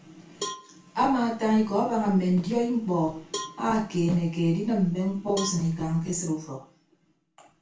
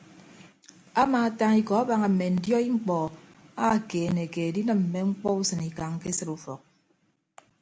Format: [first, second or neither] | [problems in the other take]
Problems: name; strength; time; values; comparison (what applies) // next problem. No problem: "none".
second | background sound (Cowbell); 16 dB below the speech // room echo; dies away in 0.3 s